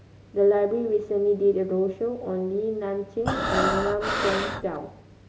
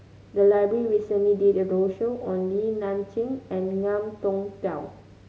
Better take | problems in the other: second | background sound (Breathing); 1 dB below the speech

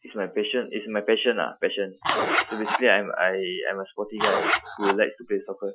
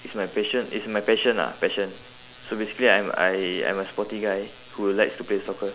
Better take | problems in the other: second | noise reduction (classical method Wiener filter)

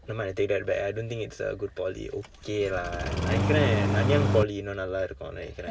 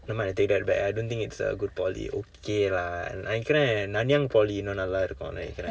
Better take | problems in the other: second | background sound (Engine starting); 3 dB above the speech

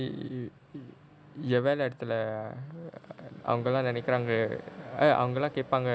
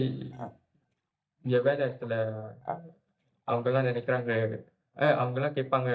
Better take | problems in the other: first | noise reduction (neural mask model DeepFilterNet 3)

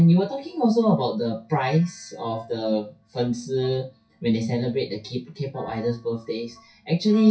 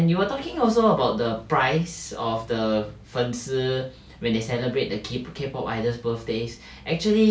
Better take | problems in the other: second | noise reduction (classical method WPE with log-MMSE)

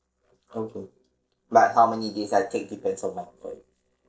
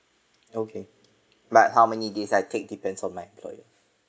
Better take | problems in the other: second | noise reduction (neural separator model SepFormer DNS4)

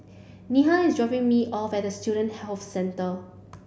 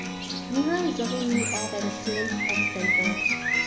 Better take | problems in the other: first | background sound (Acoustic guitar + Bird); 3 dB above the speech

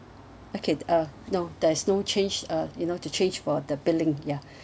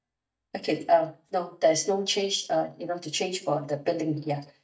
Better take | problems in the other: first | noise reduction (neural mask model DeepFilterNet 3)

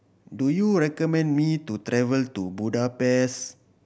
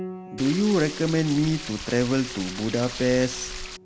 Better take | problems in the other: first | background sound (Piano + Stream); 11 dB below the speech

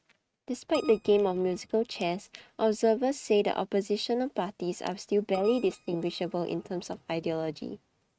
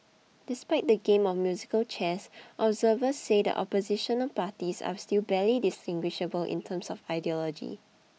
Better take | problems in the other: second | noise reduction (neural mask model RNNoise)

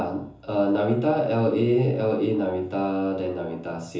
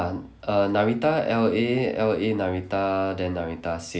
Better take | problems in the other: second | room echo; dies away in 0.6 s

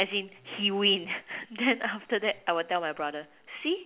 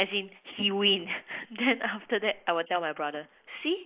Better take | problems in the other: first | noise reduction (neural mask model Resemble Enhance denoiser)

